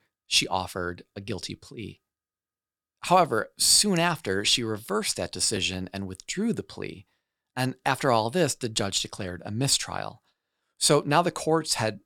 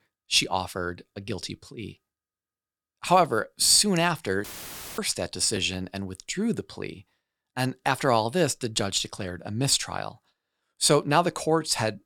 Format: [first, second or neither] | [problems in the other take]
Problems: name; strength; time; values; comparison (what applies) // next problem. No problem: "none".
first | audio cutting out; filled with static; at 4.5 s for 0.5 s